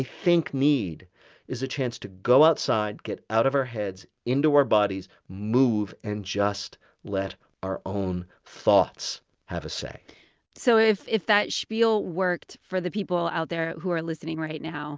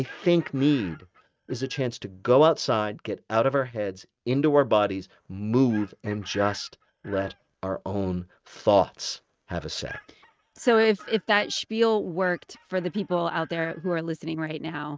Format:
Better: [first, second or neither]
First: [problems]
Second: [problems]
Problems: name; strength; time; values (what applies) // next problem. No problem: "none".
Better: first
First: none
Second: noise reduction (neural mask model RNNoise)